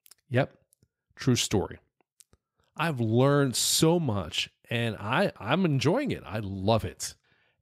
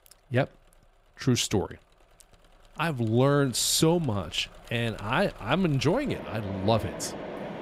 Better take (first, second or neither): first